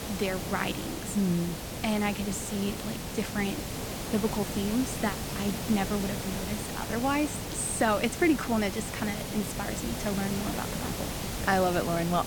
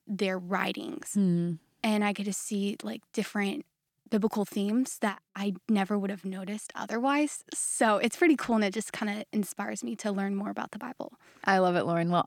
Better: second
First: hiss; loud; throughout; 4 dB below the speech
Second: none

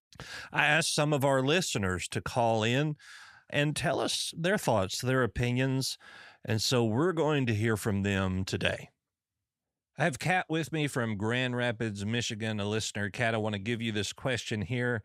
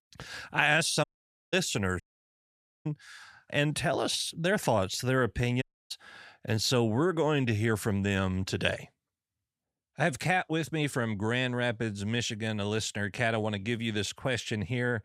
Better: first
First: none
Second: audio cutting out; at 1 s, at 2 s for 1 s and at 5.5 s

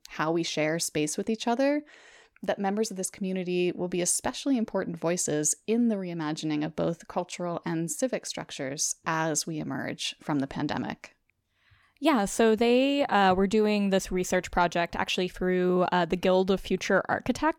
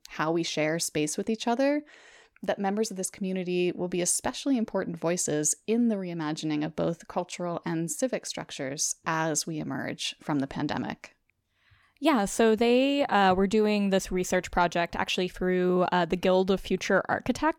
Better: neither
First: none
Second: none

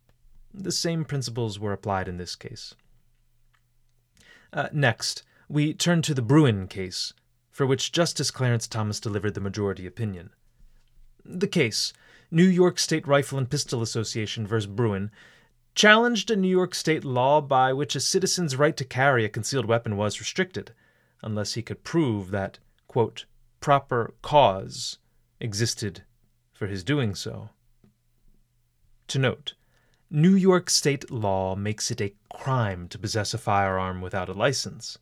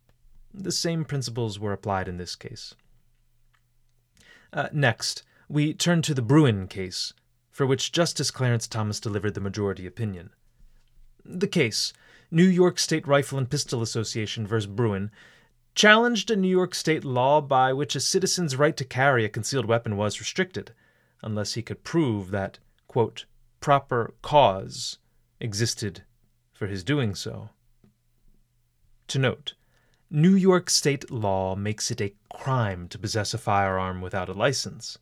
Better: neither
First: none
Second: none

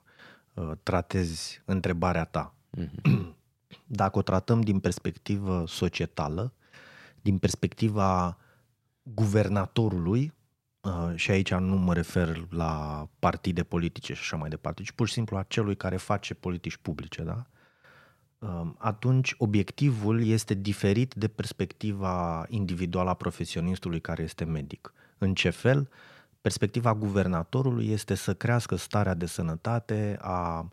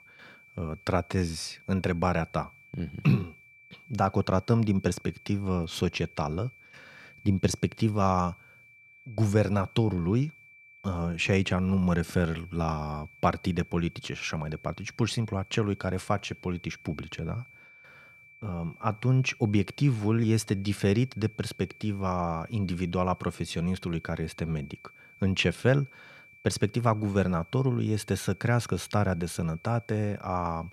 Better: first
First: none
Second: high-pitched whine; faint; throughout; 2.5 kHz, 25 dB below the speech

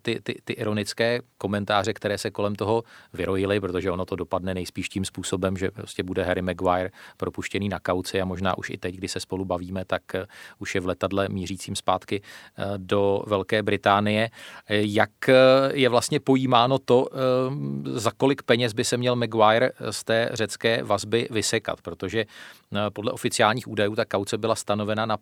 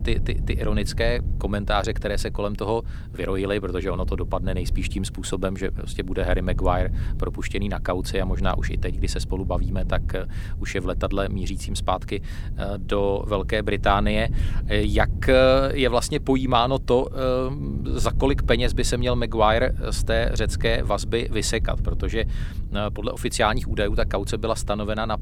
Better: first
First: none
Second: low rumble; faint; throughout; 20 dB below the speech

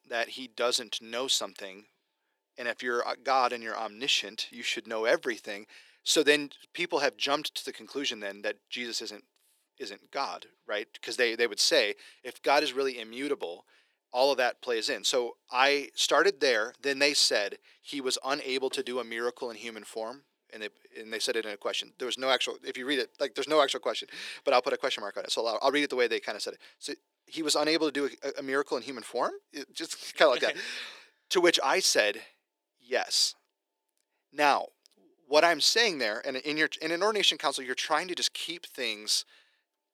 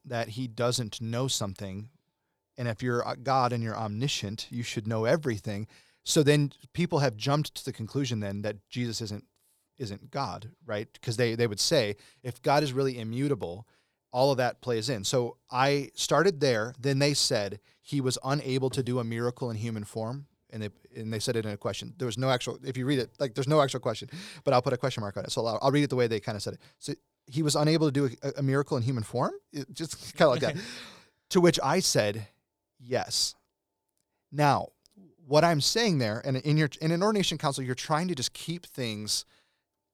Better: second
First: thin; somewhat; fading below 300 Hz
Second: none

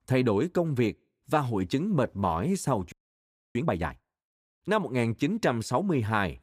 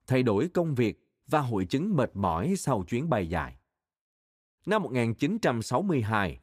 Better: second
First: audio freezing; at 3 s for 0.5 s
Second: none

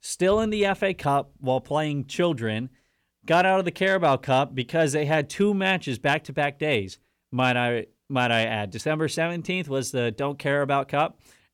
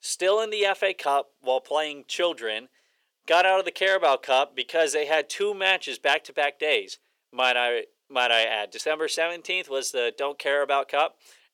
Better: first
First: none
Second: thin; very; fading below 450 Hz

